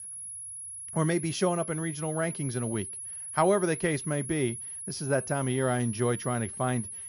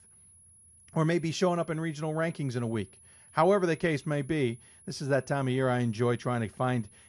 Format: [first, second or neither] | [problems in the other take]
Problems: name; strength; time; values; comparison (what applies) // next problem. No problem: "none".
second | high-pitched whine; loud; throughout; 10.5 kHz, 7 dB below the speech; faint in the second